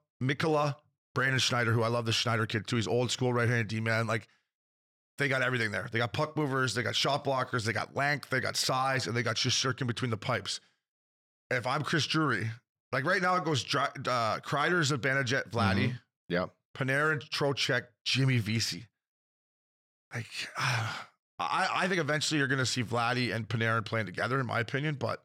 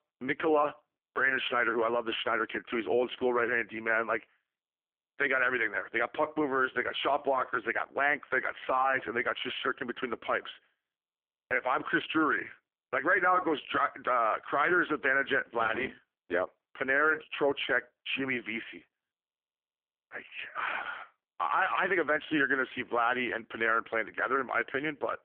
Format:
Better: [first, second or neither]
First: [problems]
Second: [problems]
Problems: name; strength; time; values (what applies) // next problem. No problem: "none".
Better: first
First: none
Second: phone-call audio; poor line; nothing above 3.5 kHz